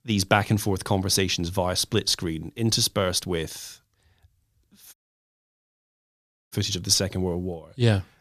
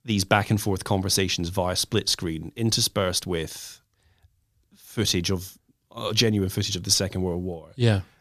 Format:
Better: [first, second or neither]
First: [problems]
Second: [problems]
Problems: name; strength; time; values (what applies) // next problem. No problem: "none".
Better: second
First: audio cutting out; at 5 s for 1.5 s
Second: none